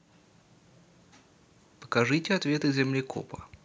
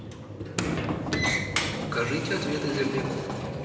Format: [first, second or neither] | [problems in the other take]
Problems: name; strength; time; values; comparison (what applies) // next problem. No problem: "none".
first | background sound (Sliding door); 2 dB above the speech // room echo; dies away in 2.8 s